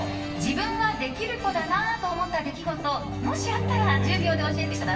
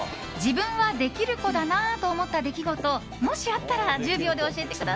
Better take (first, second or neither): second